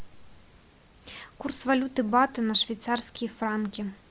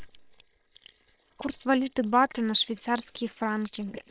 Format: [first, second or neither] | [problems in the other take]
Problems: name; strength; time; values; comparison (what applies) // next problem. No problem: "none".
first | noise reduction (neural separator model SepFormer WHAM!)